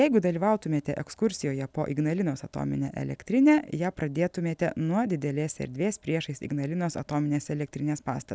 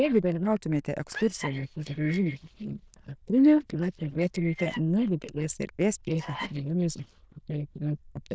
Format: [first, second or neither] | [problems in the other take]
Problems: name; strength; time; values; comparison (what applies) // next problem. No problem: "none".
first | noise reduction (neural diffusion model UNIVERSE++)